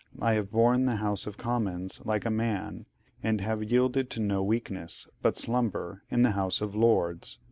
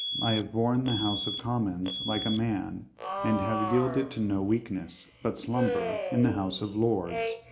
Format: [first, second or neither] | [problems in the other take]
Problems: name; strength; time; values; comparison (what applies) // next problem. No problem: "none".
first | background sound (Alarm); 6 dB below the speech // room echo; dies away in 0.4 s